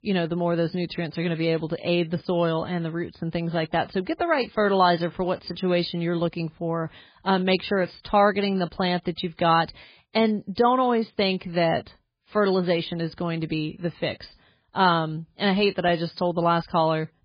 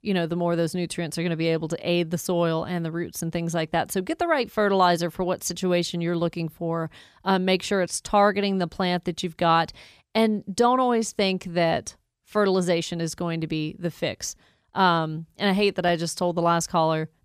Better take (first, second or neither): second